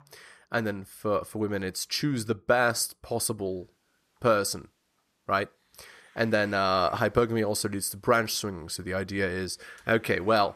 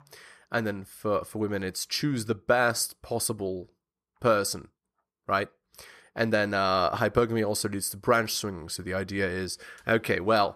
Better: second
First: hiss; faint; from 3.5 s on; 30 dB below the speech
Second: none

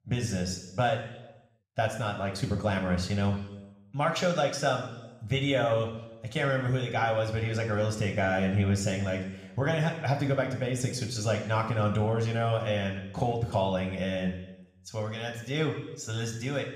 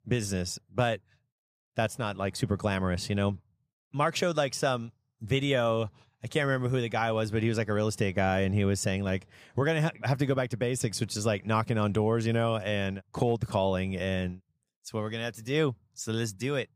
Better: second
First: room echo; slight; dies away in 0.9 s // off-mic speech; somewhat distant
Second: none

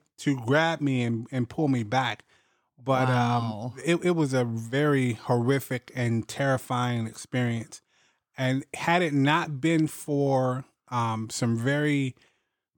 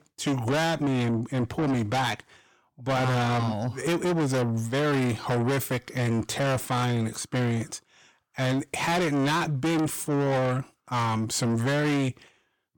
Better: first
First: none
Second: distortion; heavy; 7 dB below the speech

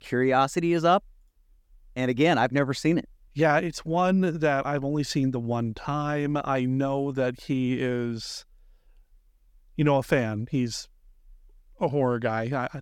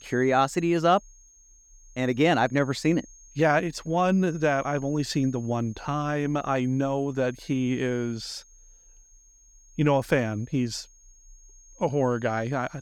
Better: first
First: none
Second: high-pitched whine; faint; throughout; 6.5 kHz, 25 dB below the speech

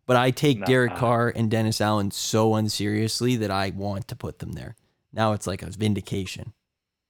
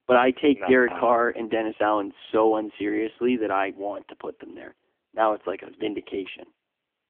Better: first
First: none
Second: phone-call audio; poor line; nothing above 3.5 kHz

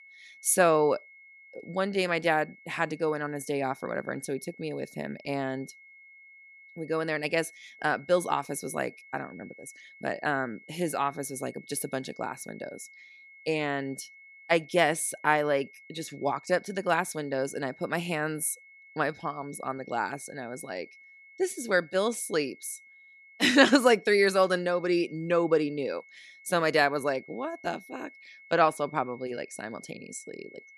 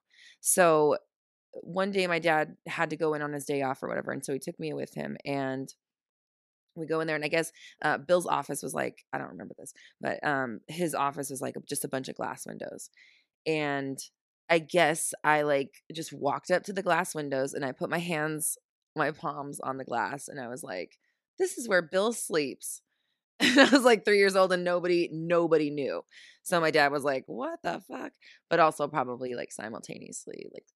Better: second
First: high-pitched whine; faint; throughout; 2 kHz, 25 dB below the speech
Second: none

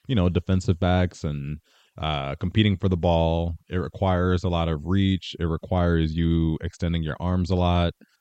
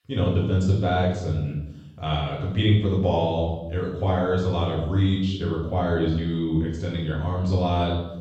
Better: first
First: none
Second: room echo; noticeable; dies away in 0.8 s // off-mic speech; far

